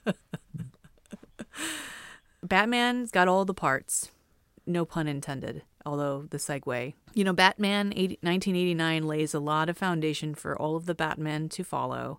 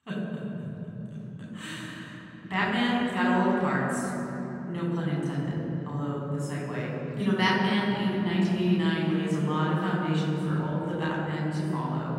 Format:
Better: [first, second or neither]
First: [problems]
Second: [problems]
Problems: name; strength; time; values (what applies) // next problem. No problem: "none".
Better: first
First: none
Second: room echo; strong; dies away in 3 s // off-mic speech; far